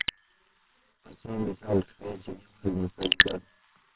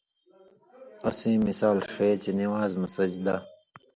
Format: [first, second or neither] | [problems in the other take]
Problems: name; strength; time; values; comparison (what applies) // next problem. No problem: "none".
second | noise reduction (neural separator model SepFormer WHAMR!)